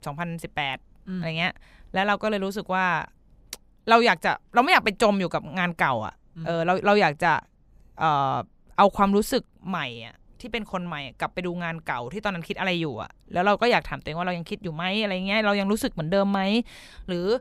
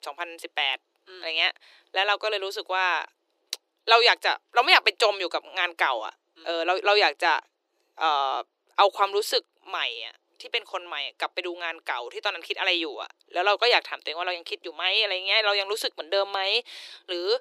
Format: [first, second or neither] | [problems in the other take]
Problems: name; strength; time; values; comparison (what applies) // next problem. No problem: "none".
first | thin; very; fading below 350 Hz